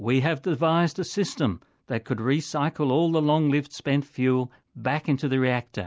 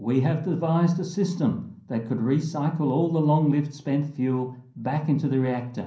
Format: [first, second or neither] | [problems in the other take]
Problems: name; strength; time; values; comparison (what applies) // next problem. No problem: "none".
first | room echo; dies away in 0.6 s